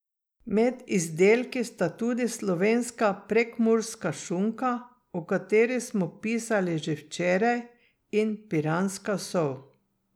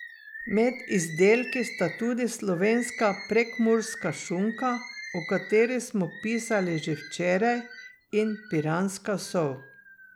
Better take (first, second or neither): first